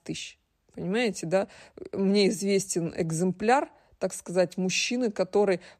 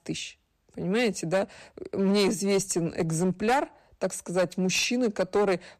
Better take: first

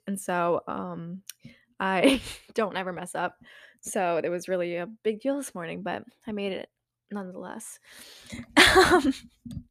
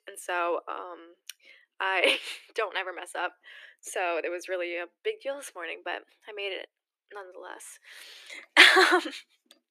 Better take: first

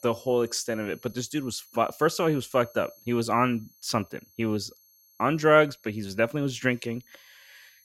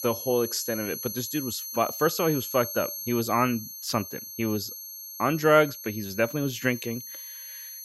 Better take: first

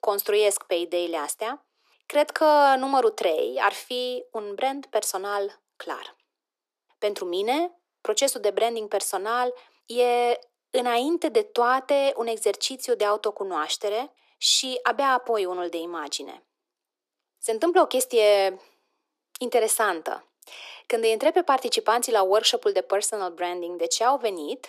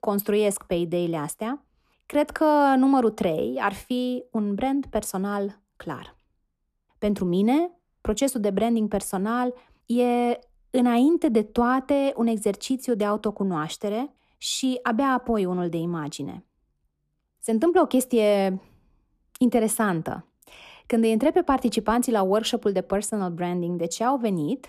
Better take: second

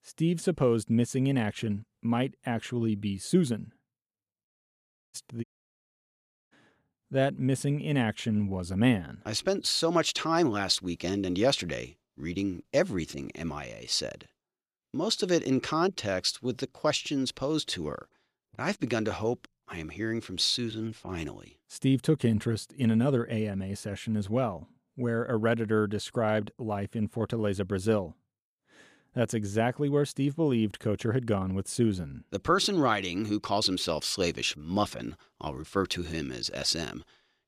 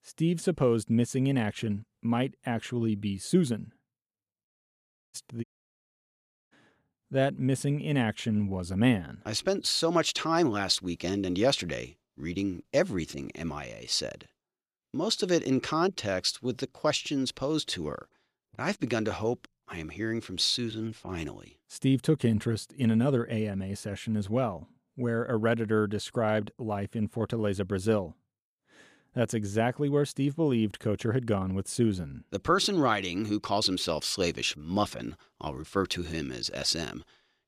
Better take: neither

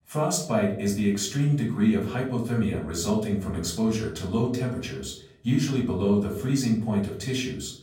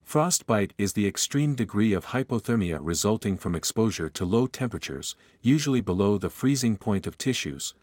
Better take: second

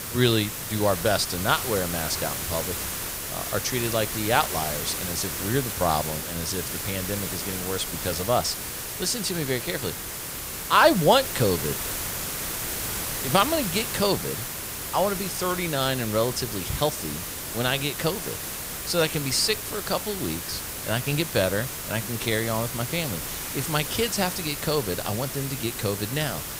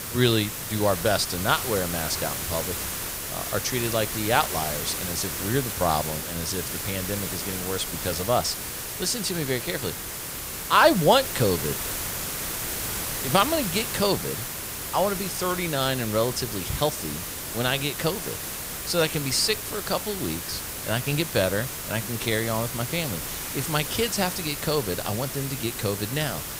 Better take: neither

